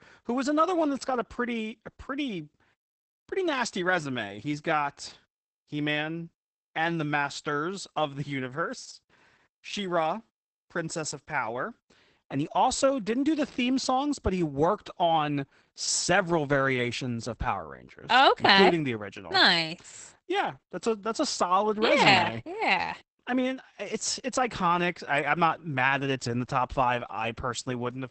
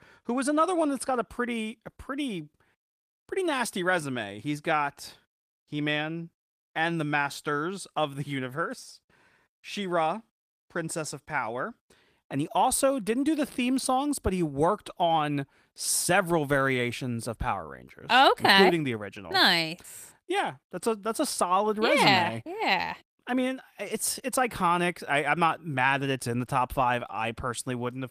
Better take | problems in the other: second | garbled, watery; badly; nothing above 8 kHz; slightly in the second

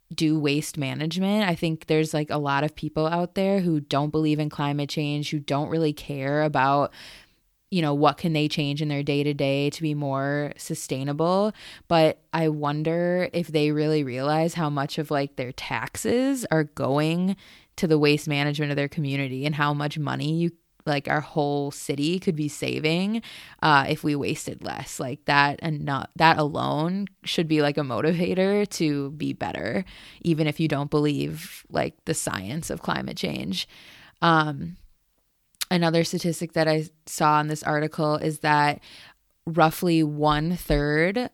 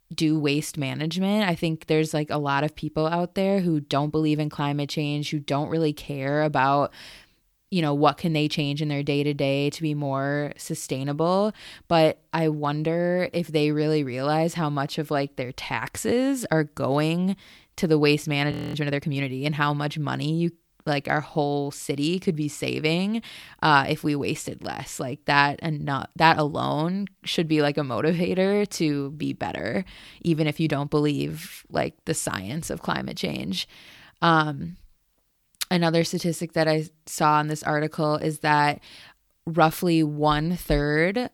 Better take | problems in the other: first | audio freezing; at 19 s

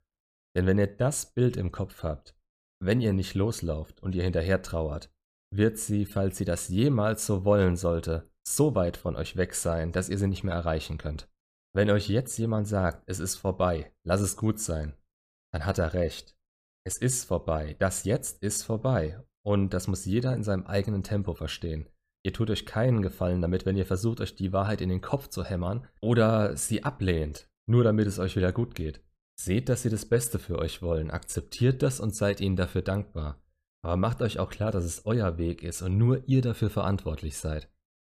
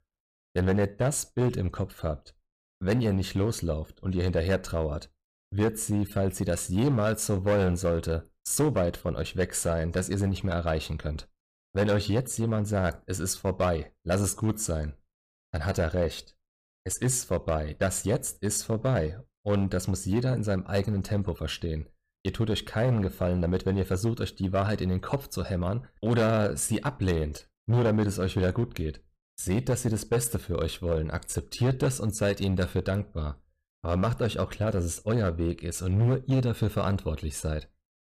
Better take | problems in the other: first | distortion; slight; 5% of the sound clipped

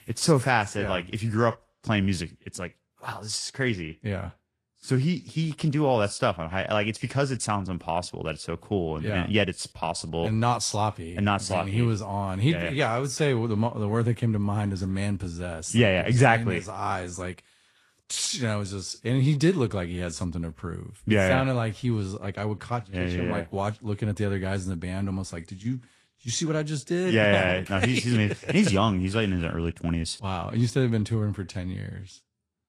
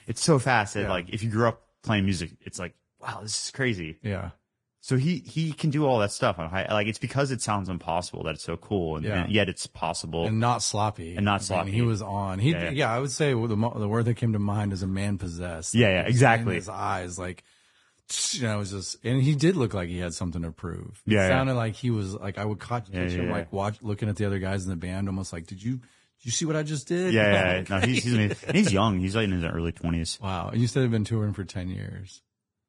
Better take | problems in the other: first | garbled, watery; badly; nothing above 10 kHz; slightly in the first

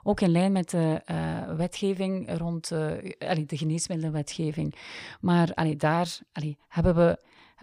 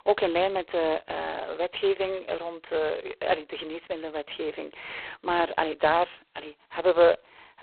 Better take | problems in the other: first | phone-call audio; poor line; nothing above 4 kHz

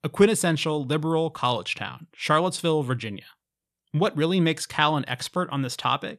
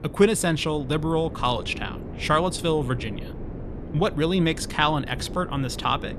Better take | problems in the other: first | wind noise on the microphone; occasional gusts; 15 dB below the speech

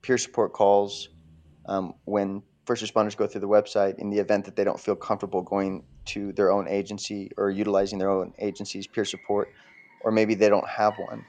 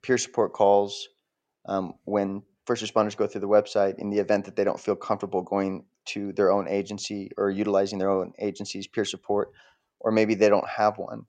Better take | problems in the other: second | animal sounds; faint; throughout; 30 dB below the speech

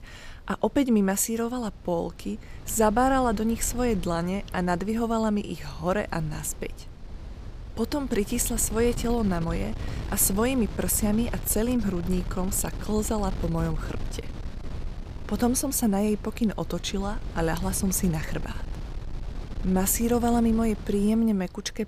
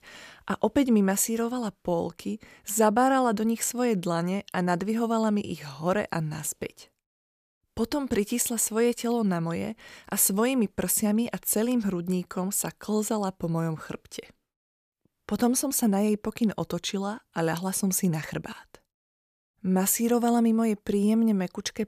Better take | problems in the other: second | wind noise on the microphone; occasional gusts; 15 dB below the speech

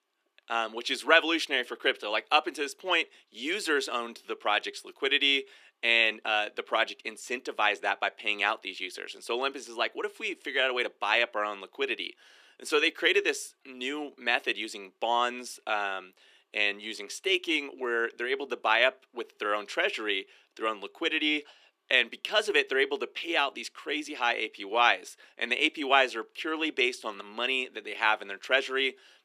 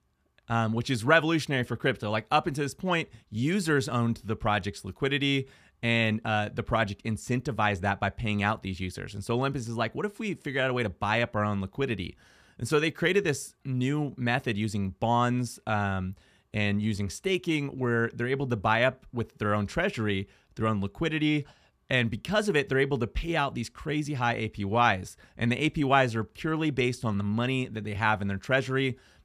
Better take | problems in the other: second | thin; very; fading below 300 Hz

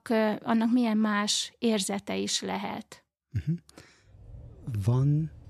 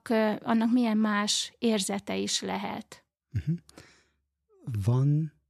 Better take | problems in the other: second | rain or running water; faint; from 4 s on; 20 dB below the speech

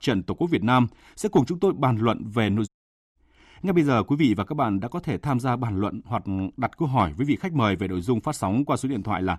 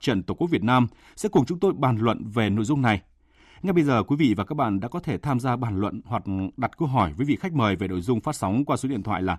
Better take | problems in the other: second | audio cutting out; at 2.5 s

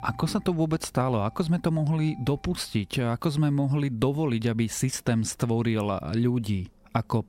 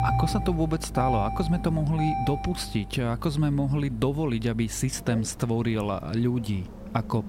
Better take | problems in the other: first | traffic noise; loud; throughout; 7 dB below the speech; faint in the first

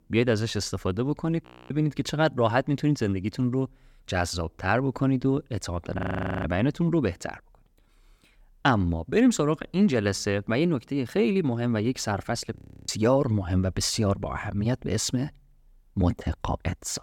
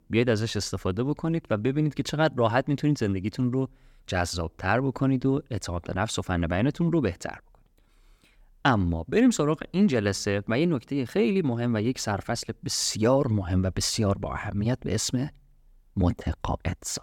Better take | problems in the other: second | audio freezing; at 1.5 s, at 6 s and at 13 s

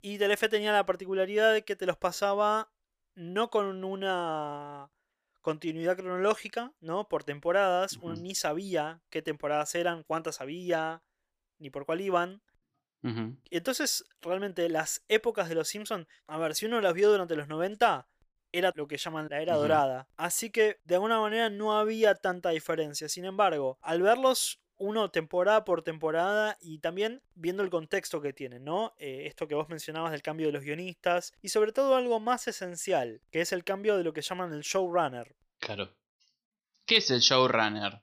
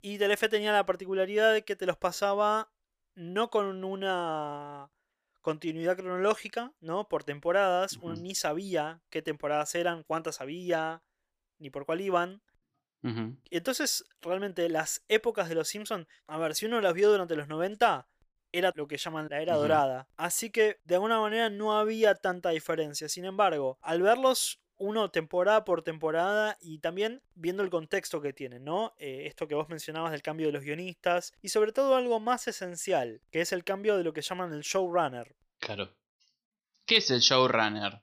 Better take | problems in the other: neither | none

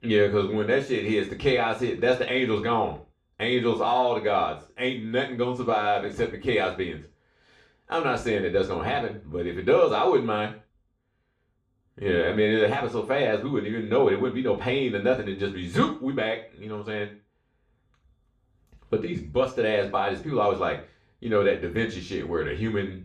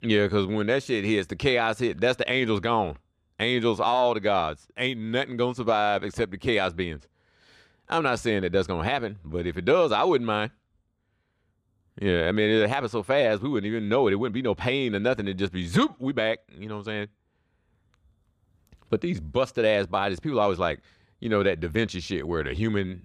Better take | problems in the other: second | room echo; slight; dies away in 0.3 s // off-mic speech; far

